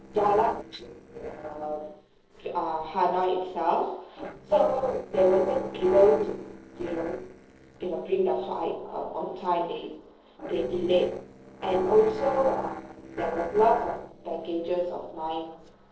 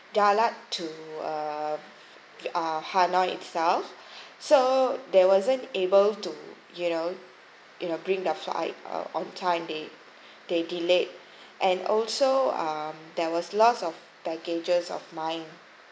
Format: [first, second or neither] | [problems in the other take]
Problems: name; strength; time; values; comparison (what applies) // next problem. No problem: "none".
second | noise reduction (neural separator model SepFormer DNS4)